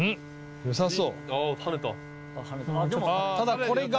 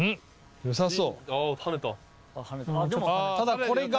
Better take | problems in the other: second | background sound (Bowed string instrument); 14 dB below the speech

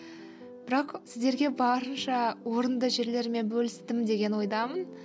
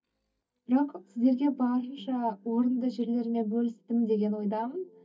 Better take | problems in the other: first | noise reduction (neural mask model DeepFilterNet 3)

